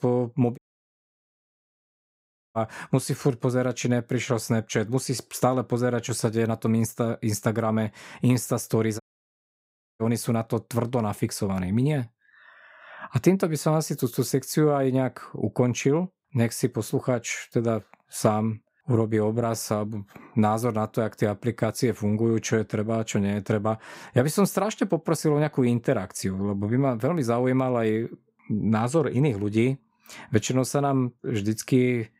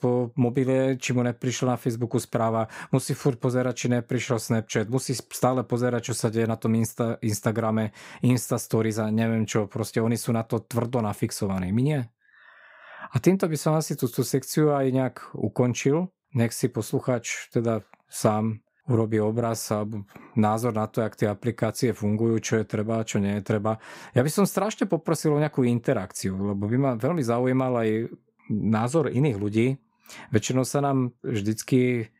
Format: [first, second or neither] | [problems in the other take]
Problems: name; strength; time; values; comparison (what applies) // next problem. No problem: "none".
second | audio cutting out; at 0.5 s for 2 s and at 9 s for 1 s